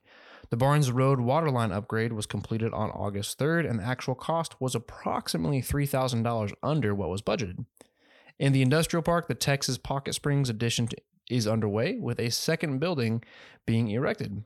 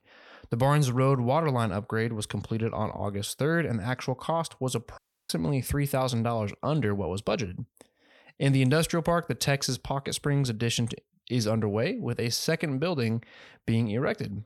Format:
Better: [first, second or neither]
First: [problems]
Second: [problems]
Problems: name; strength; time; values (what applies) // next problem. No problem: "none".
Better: first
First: none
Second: audio cutting out; at 5 s